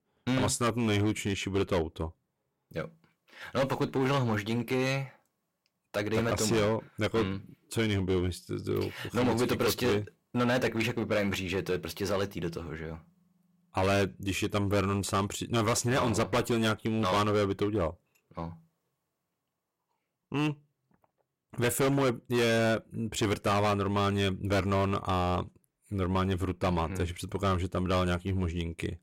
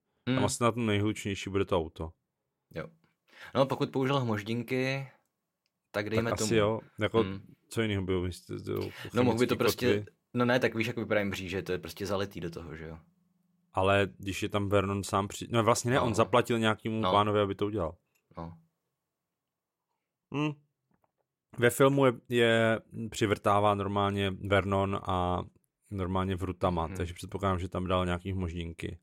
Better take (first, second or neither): second